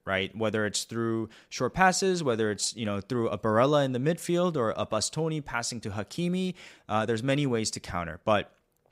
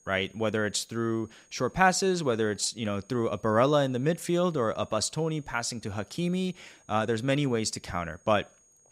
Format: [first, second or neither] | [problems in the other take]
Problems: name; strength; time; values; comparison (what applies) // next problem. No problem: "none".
first | high-pitched whine; faint; throughout; 6.5 kHz, 30 dB below the speech